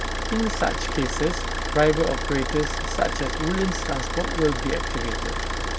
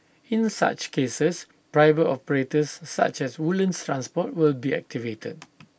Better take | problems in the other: second | background sound (Idling / Car); 1 dB below the speech

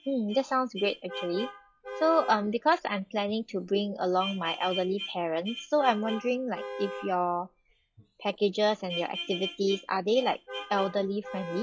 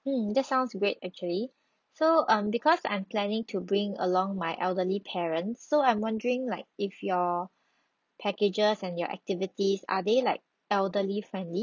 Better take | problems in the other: second | noise reduction (classical method log-MMSE)

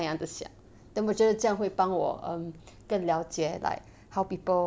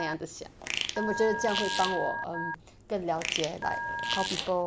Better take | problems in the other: first | background sound (Fart + Telephone); 2 dB below the speech

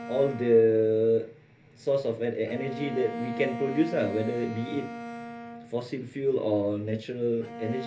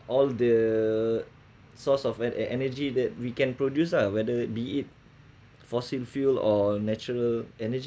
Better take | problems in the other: second | background sound (Bowed string instrument); 12 dB below the speech // room echo; dies away in 0.3 s

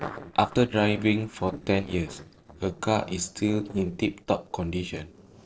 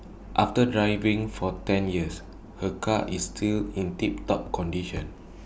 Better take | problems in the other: second | noise reduction (neural separator model SepFormer DNS4)

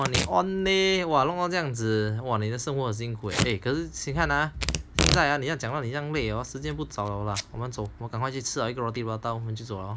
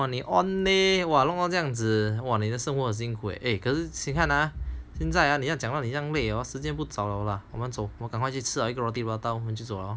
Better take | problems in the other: second | background sound (Packing tape, duct tape / Tearing); 7 dB below the speech

